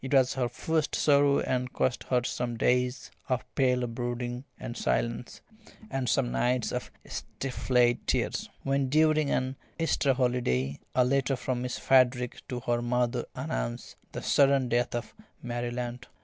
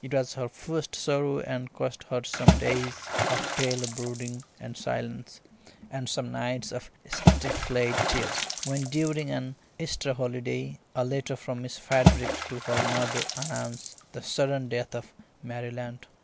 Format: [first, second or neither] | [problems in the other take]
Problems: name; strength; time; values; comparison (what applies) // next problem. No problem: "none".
first | background sound (Water / Splash, splatter); as loud as the speech